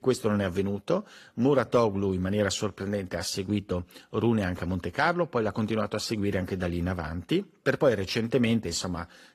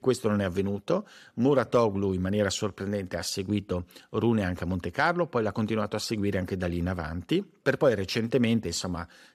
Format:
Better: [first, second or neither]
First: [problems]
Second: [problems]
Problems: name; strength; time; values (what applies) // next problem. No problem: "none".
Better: second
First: garbled, watery; slightly; nothing above 14.5 kHz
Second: none